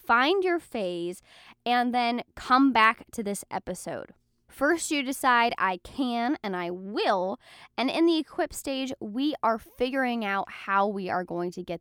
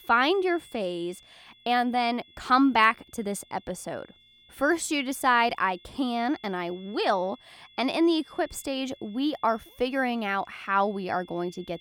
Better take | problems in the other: first | high-pitched whine; faint; throughout; 3.5 kHz, 25 dB below the speech

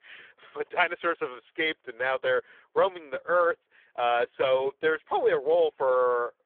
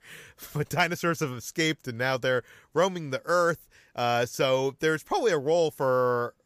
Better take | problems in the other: second | phone-call audio; poor line; nothing above 3.5 kHz

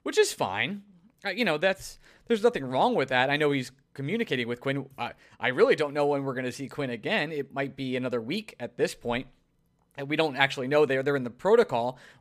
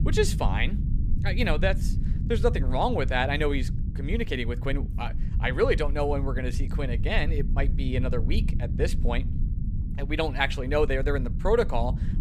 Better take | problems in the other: first | low rumble; noticeable; throughout; 15 dB below the speech

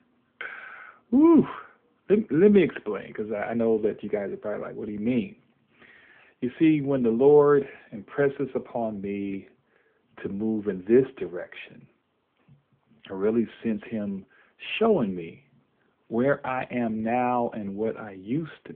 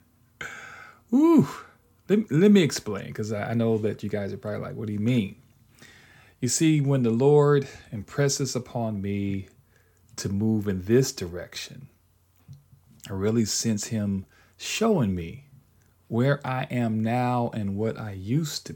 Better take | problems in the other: second | phone-call audio

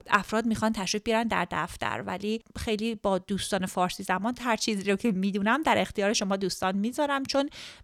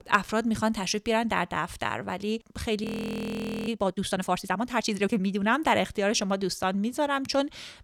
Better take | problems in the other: first | audio freezing; at 3 s for 1 s

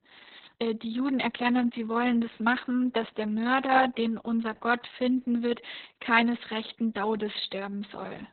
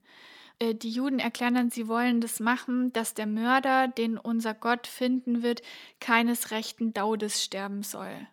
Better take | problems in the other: second | garbled, watery; badly; nothing above 4 kHz

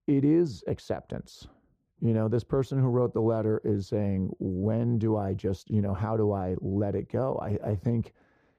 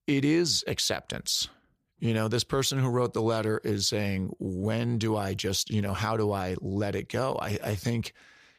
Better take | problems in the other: second | muffled; very; fading above 1.5 kHz

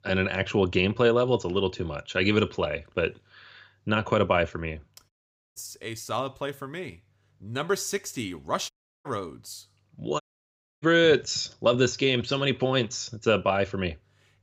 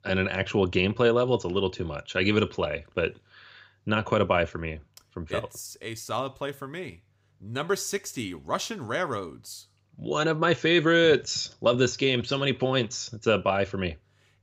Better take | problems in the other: second | audio cutting out; at 5 s, at 8.5 s and at 10 s for 0.5 s

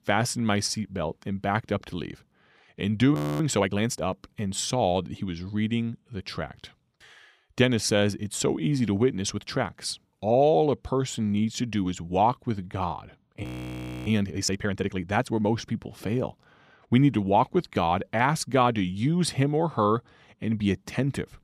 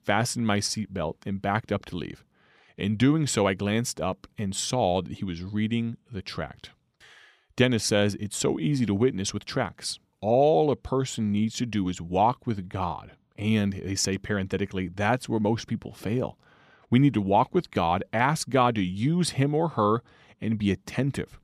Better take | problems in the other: second | audio freezing; at 3 s and at 13 s for 0.5 s

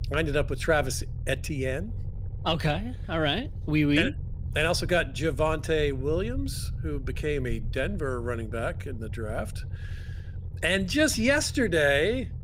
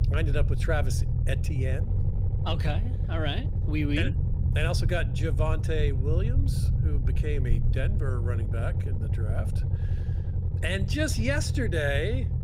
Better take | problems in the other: first | low rumble; loud; throughout; 9 dB below the speech; faint in the first

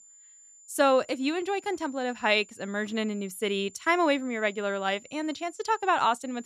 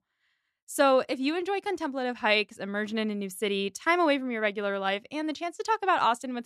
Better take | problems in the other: second | high-pitched whine; faint; throughout; 7 kHz, 25 dB below the speech

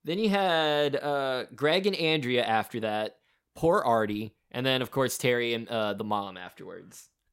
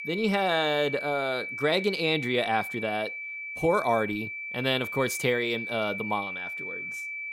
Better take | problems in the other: first | high-pitched whine; loud; throughout; 2.5 kHz, 6 dB below the speech

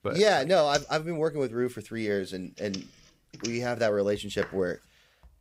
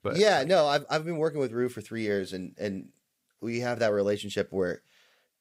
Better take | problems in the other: second | household noises; noticeable; throughout; 15 dB below the speech

